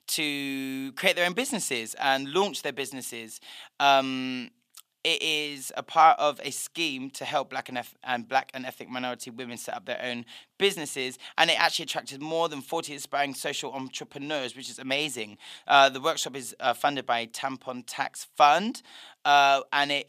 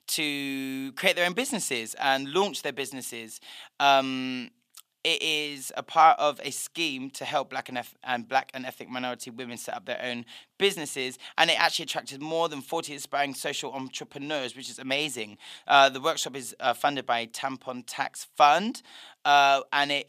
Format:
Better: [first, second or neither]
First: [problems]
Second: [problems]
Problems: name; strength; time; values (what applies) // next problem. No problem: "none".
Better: neither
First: thin; somewhat; fading below 800 Hz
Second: thin; somewhat; fading below 800 Hz